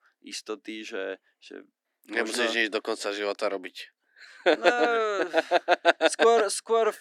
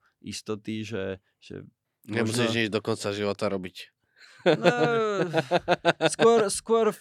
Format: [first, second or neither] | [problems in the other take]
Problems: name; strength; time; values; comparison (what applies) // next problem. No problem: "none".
second | thin; somewhat; fading below 250 Hz